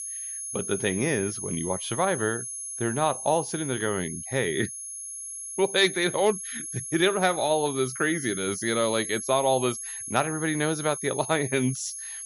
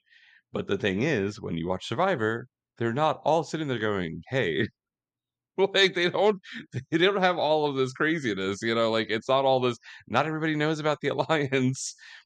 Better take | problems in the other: second | high-pitched whine; loud; throughout; 10.5 kHz, 7 dB below the speech

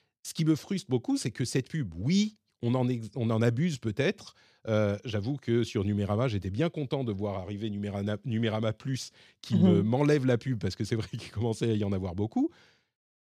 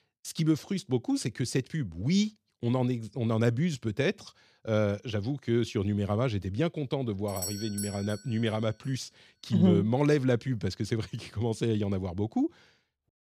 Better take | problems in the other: first | doorbell; noticeable; at 7.5 s; peak 6 dB below the speech

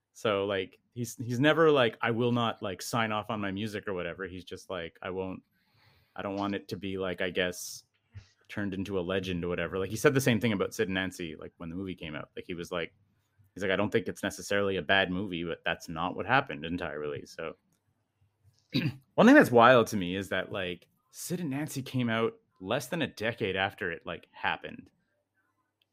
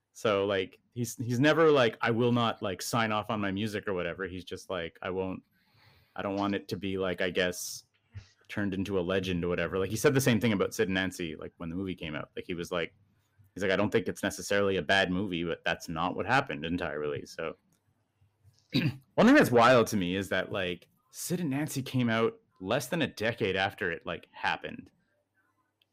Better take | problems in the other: first | distortion; slight; 10 dB below the speech

